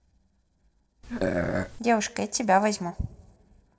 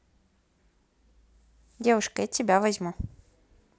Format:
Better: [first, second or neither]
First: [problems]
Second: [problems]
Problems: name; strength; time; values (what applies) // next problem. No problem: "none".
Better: second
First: noise reduction (neural separator model SepFormer DNS4)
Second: none